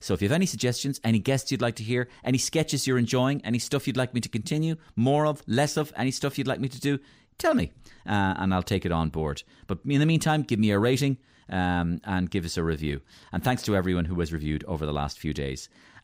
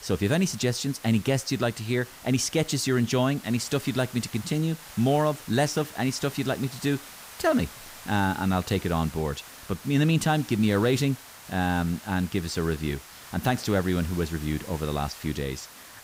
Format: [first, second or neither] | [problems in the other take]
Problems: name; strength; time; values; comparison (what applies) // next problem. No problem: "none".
first | hiss; noticeable; throughout; 15 dB below the speech